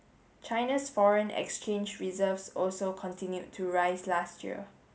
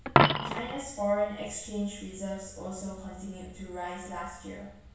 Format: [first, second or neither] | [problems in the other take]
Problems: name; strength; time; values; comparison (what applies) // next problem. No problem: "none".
first | background sound (Coin (dropping)); 3 dB above the speech // room echo; dies away in 0.6 s